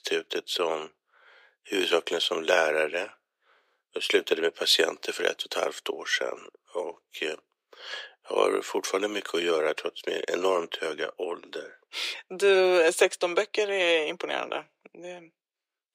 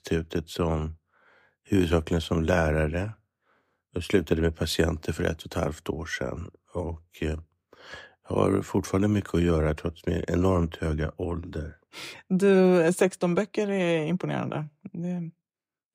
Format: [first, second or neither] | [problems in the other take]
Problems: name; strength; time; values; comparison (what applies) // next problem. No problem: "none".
second | thin; very; fading below 400 Hz